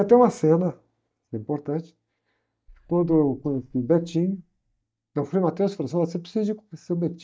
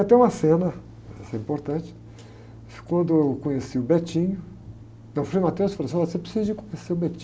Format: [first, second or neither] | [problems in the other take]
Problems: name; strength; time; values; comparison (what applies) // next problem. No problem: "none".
second | noise reduction (neural mask model DeepFilterNet 3)